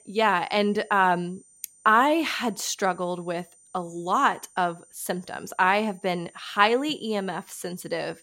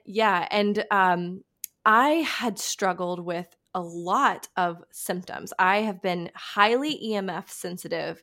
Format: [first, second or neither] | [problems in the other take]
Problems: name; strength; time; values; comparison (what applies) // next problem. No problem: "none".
second | high-pitched whine; faint; throughout; 9 kHz, 30 dB below the speech